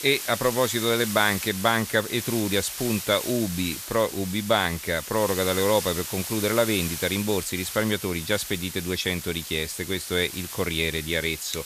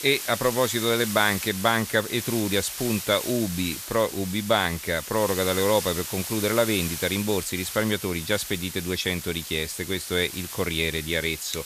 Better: neither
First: hiss; loud; throughout; 7 dB below the speech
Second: hiss; loud; throughout; 7 dB below the speech

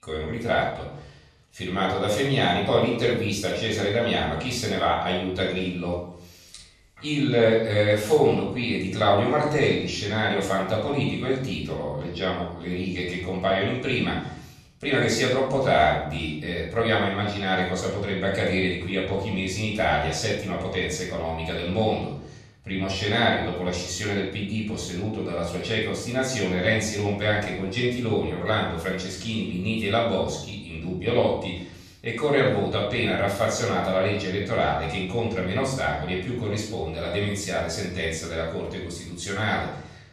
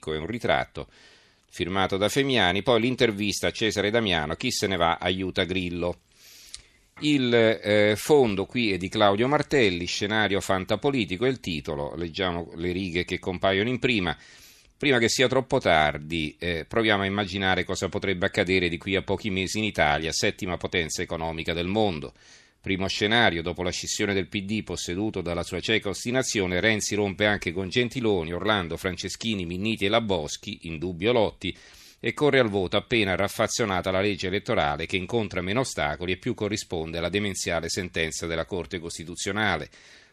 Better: second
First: off-mic speech; far // room echo; noticeable; dies away in 0.7 s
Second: none

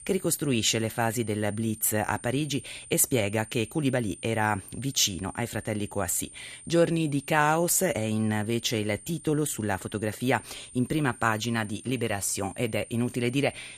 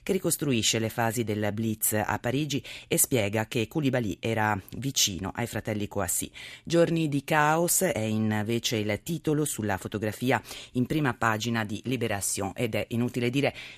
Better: second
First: high-pitched whine; noticeable; throughout; 9 kHz, 15 dB below the speech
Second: none

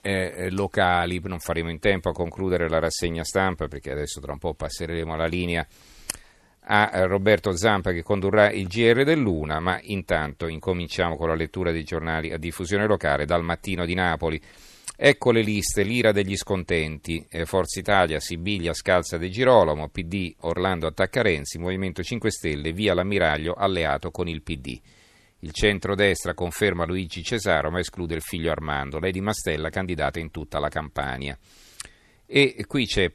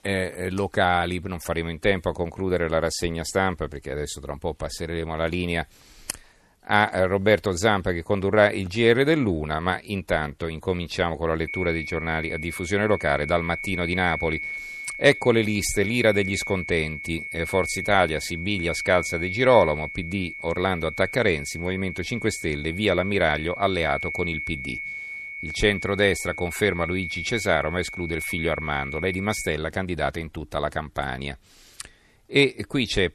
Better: first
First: none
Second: high-pitched whine; loud; from 11 to 30 s; 2 kHz, 7 dB below the speech

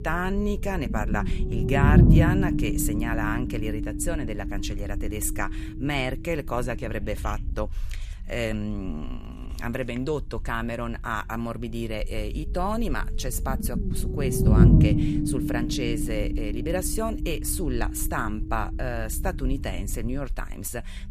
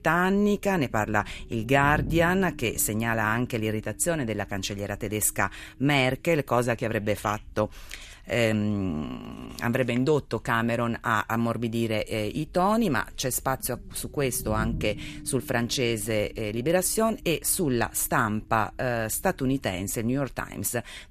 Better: second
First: low rumble; loud; throughout; 3 dB below the speech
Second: low rumble; faint; throughout; 25 dB below the speech

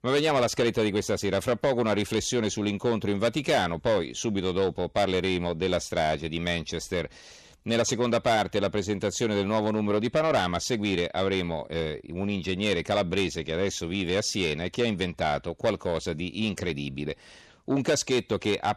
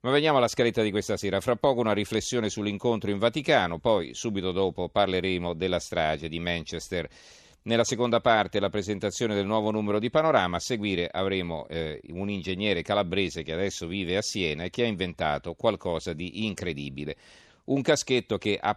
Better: second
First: distortion; slight; 10 dB below the speech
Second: none

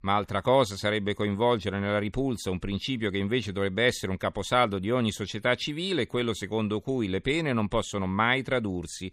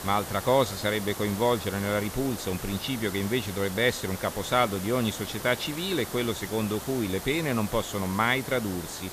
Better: first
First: none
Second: hiss; loud; throughout; 9 dB below the speech

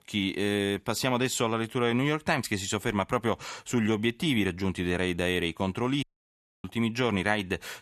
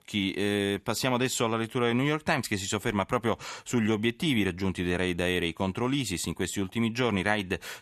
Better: second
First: audio cutting out; at 6 s for 0.5 s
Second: none

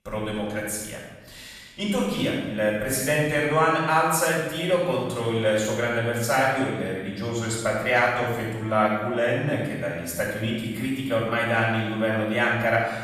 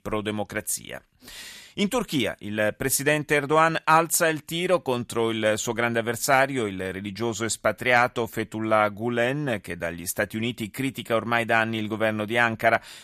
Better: second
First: off-mic speech; far // room echo; strong; dies away in 1.1 s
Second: none

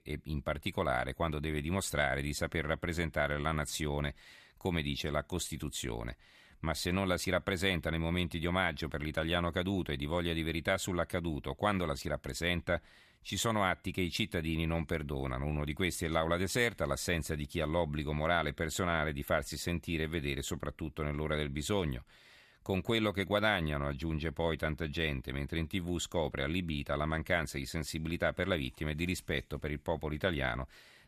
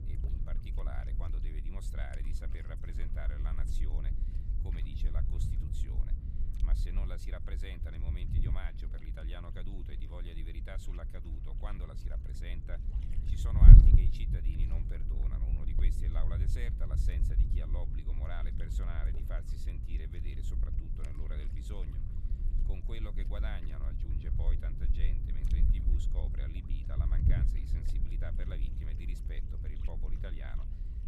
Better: first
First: none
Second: wind noise on the microphone; heavy; as loud as the speech

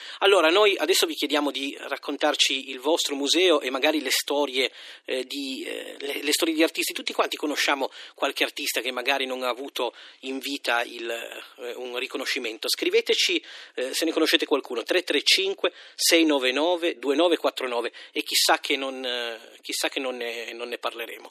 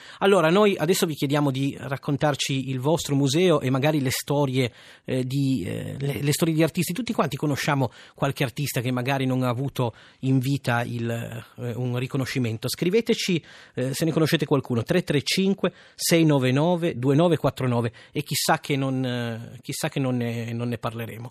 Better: second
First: thin; somewhat; fading below 300 Hz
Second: none

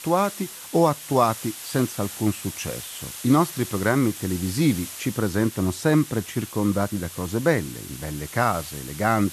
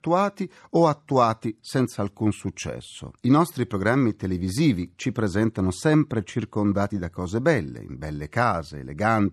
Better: second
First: hiss; noticeable; throughout; 10 dB below the speech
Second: none

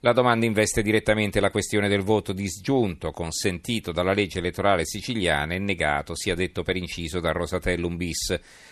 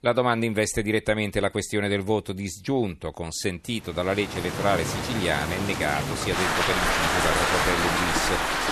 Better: first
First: none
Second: rain or running water; very loud; from 4 s on; 2 dB above the speech

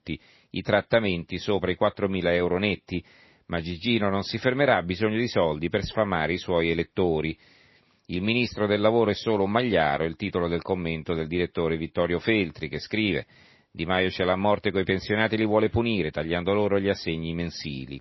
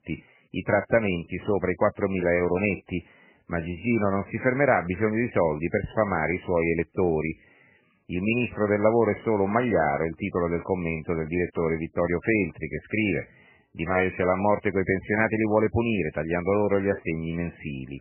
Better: first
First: garbled, watery; slightly; nothing above 5.5 kHz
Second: garbled, watery; badly; nothing above 2.5 kHz

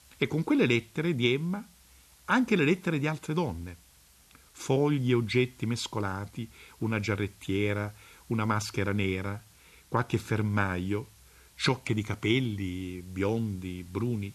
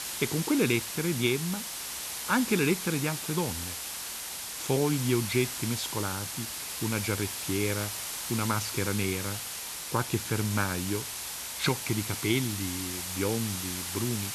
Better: first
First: hiss; faint; throughout; 25 dB below the speech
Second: hiss; loud; throughout; 3 dB below the speech

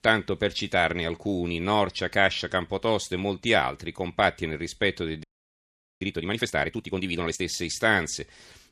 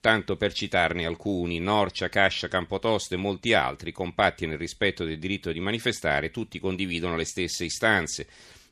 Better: second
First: audio freezing; at 5 s for 1 s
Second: none

